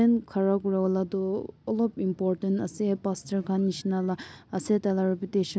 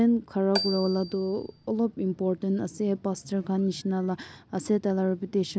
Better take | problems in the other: first | background sound (Marimba, xylophone); 8 dB below the speech

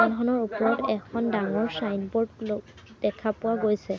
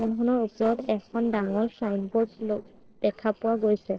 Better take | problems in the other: first | noise reduction (neural separator model SepFormer DNS4)

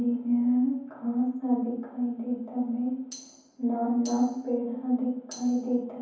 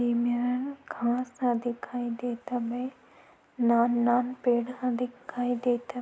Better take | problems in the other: second | background sound (Tambourine); 19 dB below the speech // room echo; dies away in 0.9 s

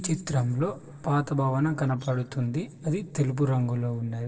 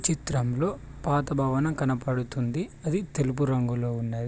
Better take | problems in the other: second | noise reduction (neural separator model SepFormer DNS4)

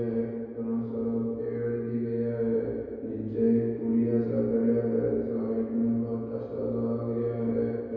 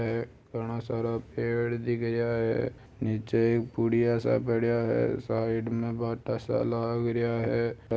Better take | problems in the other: second | room echo; dies away in 2.2 s

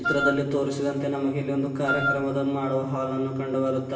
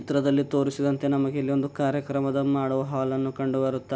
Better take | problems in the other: second | background sound (Wind instrument, woodwind instrument); 2 dB below the speech // room echo; dies away in 1.2 s

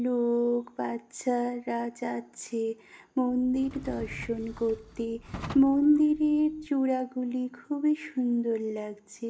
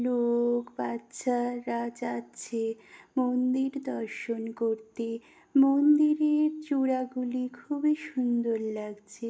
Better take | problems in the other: second | background sound (Drawer open or close); 16 dB below the speech

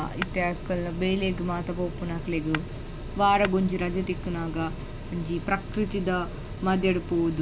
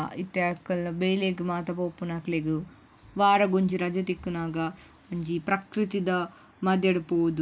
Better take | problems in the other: second | background sound (Shatter + Mechanical fan); 7 dB below the speech

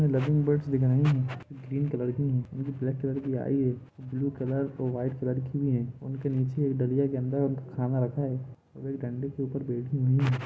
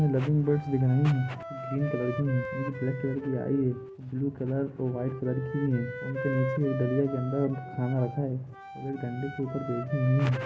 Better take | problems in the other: first | background sound (Wind instrument, woodwind instrument); 10 dB below the speech

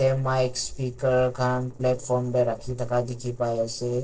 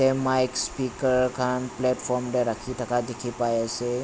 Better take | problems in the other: second | noise reduction (neural separator model SepFormer DNS4)

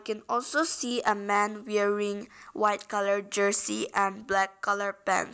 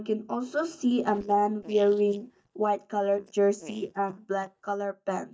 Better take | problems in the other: first | noise reduction (neural mask model DeepFilterNet 3)

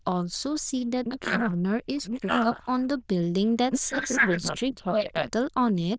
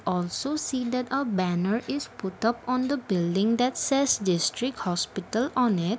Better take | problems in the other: second | noise reduction (neural diffusion model UNIVERSE++)

